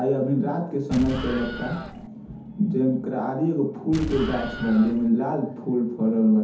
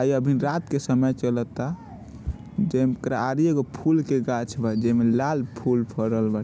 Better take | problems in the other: second | background sound (Explosion); 10 dB below the speech // room echo; dies away in 0.6 s

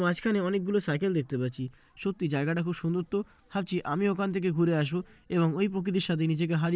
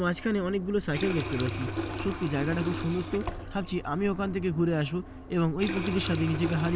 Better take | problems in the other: first | background sound (Water tap, faucet); 6 dB below the speech

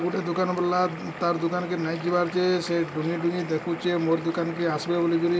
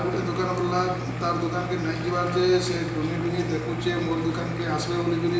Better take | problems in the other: first | background sound (Engine); 7 dB below the speech // room echo; dies away in 1 s

